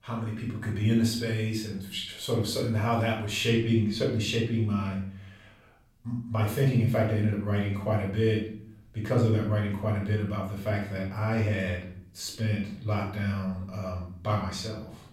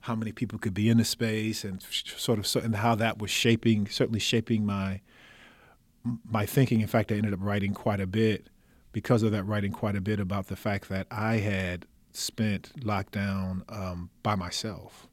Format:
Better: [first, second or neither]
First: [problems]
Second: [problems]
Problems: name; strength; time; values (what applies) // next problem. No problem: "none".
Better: second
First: off-mic speech; far // room echo; noticeable; dies away in 0.5 s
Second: none